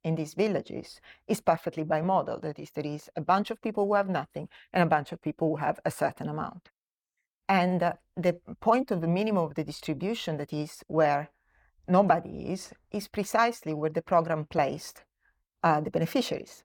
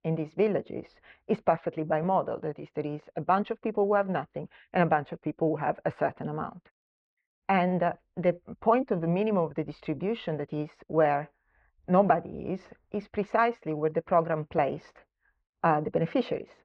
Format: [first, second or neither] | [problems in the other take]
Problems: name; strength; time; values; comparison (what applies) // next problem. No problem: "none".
first | muffled; very; fading above 2.5 kHz